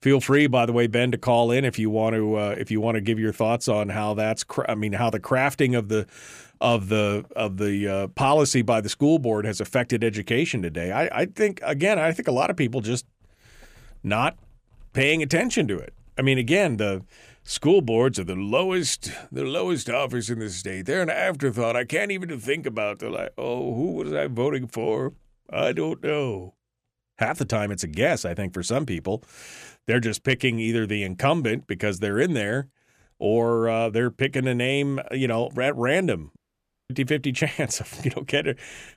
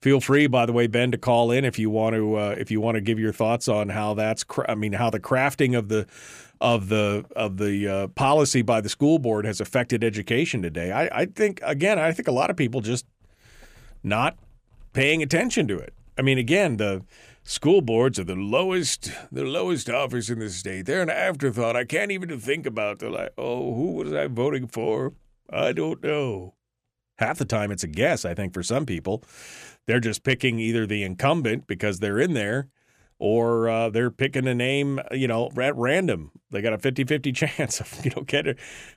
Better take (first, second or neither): second